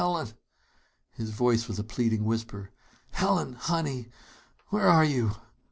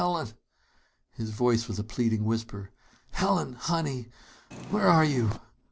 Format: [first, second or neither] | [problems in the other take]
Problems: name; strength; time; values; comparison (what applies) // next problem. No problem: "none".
first | background sound (Purr); 11 dB below the speech